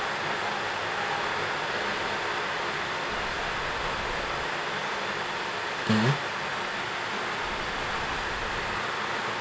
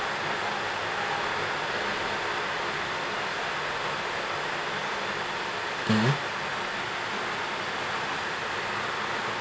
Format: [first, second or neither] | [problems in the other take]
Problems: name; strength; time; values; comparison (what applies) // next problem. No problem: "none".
second | background sound (Vehicle horn, car horn, honking); 12 dB below the speech